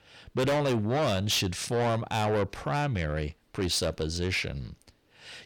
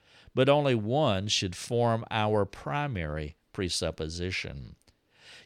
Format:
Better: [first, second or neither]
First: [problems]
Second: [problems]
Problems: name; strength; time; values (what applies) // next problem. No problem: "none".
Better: second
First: distortion; heavy; 6 dB below the speech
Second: none